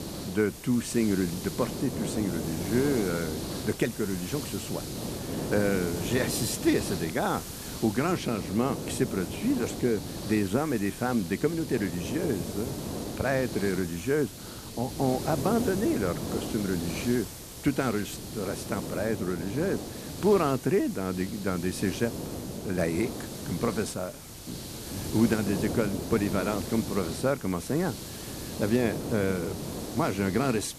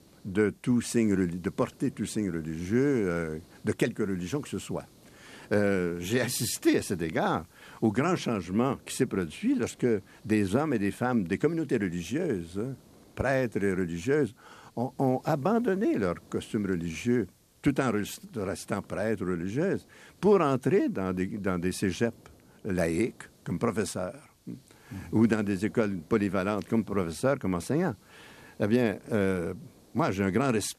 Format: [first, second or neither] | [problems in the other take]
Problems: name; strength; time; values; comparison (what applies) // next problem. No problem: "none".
second | hiss; loud; throughout; 7 dB below the speech; faint in the second